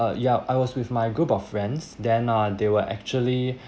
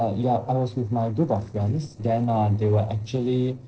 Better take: first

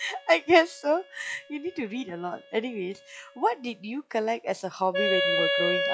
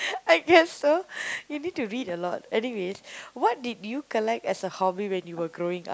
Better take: second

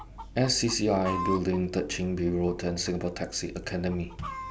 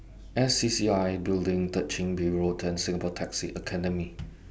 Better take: second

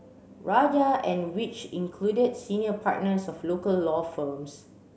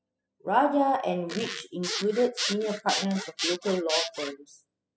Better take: first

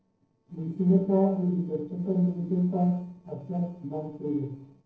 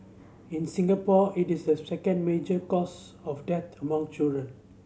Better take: second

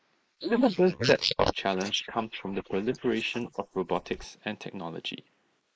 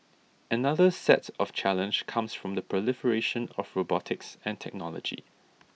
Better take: second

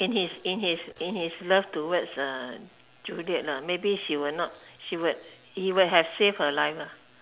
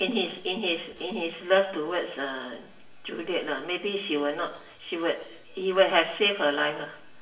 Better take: first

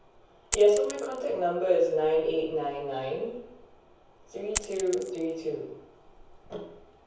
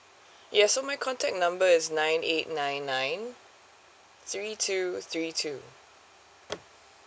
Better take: second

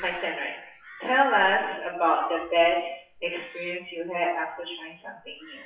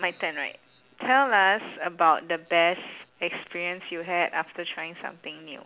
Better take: second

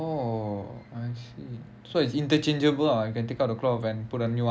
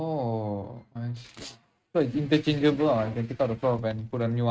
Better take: first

